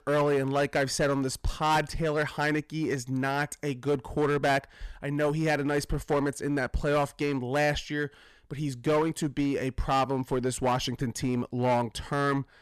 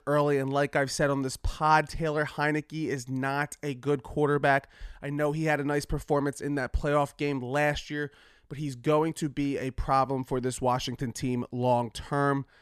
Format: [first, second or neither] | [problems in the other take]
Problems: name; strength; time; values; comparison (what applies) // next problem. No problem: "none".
second | distortion; slight; 8% of the sound clipped